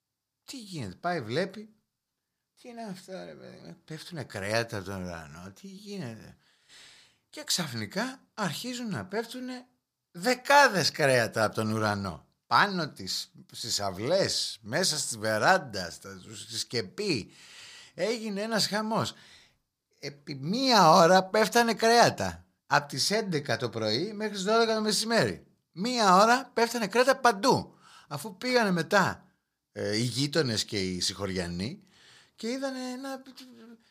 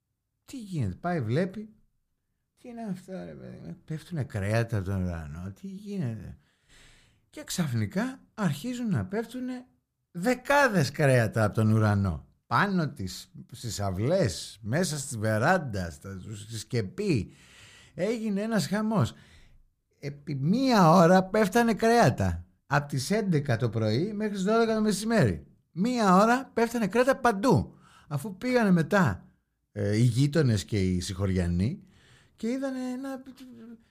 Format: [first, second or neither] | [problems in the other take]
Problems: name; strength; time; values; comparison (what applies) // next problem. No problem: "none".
second | thin; somewhat; fading below 500 Hz